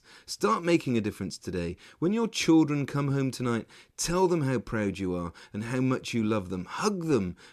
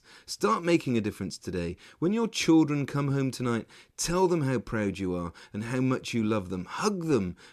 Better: neither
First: none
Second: none

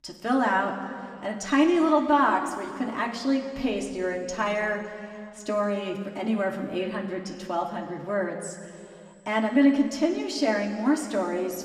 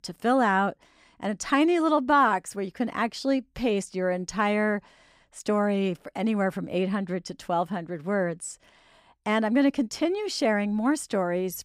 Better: second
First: room echo; slight; dies away in 2.2 s // off-mic speech; somewhat distant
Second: none

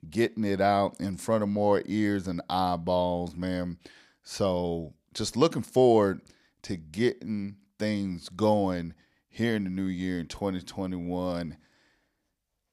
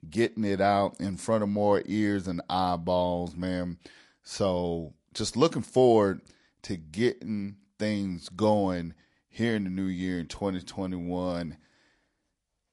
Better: first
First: none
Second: garbled, watery; slightly; nothing above 11 kHz

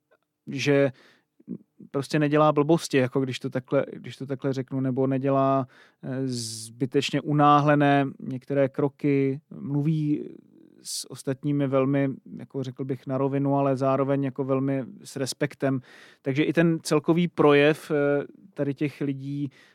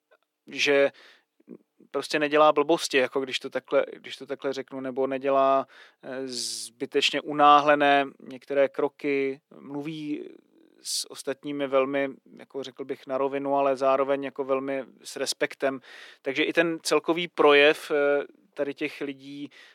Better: first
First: none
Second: thin; somewhat; fading below 500 Hz

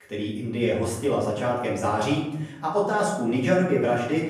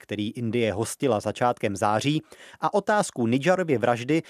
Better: second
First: room echo; noticeable; dies away in 0.8 s // off-mic speech; far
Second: none

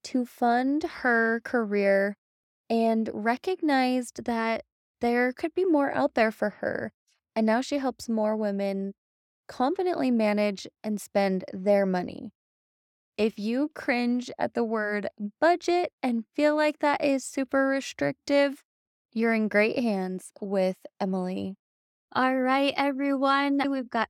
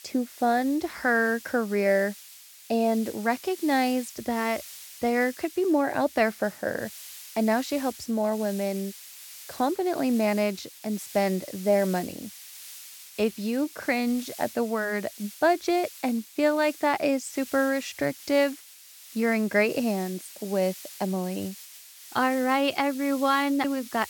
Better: first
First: none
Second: hiss; noticeable; throughout; 15 dB below the speech

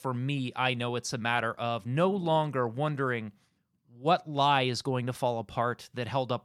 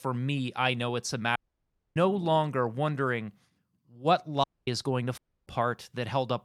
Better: first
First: none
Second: audio cutting out; at 1.5 s for 0.5 s, at 4.5 s and at 5 s

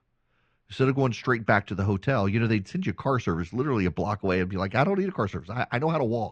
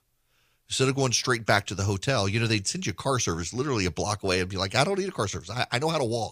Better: second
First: muffled; very; fading above 2 kHz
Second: none

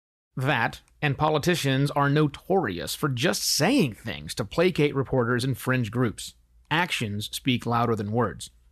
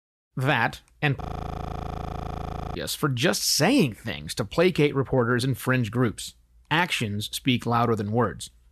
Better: first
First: none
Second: audio freezing; at 1 s for 1.5 s

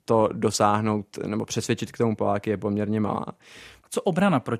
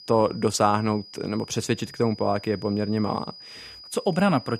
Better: first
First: none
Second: high-pitched whine; noticeable; throughout; 5 kHz, 15 dB below the speech

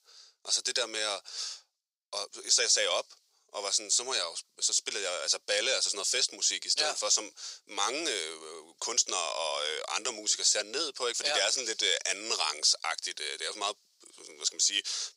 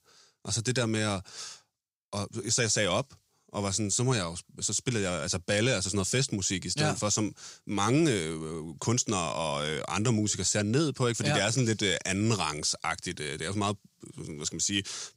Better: second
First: thin; very; fading below 500 Hz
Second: none

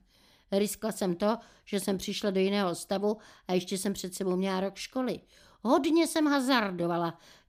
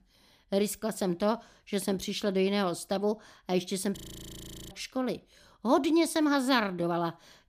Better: first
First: none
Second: audio freezing; at 4 s for 0.5 s

